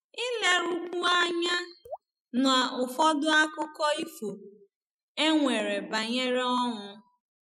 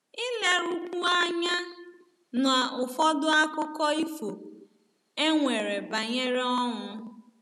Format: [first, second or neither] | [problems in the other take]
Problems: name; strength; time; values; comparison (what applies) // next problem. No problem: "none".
second | noise reduction (classical method Wiener filter)